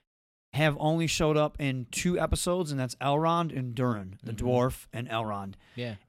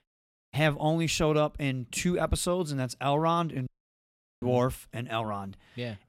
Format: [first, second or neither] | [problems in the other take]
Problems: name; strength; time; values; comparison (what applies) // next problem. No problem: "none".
first | audio cutting out; at 3.5 s for 1 s